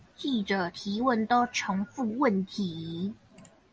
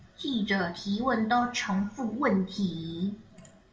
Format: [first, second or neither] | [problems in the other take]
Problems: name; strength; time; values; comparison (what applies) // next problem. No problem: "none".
first | room echo; dies away in 0.4 s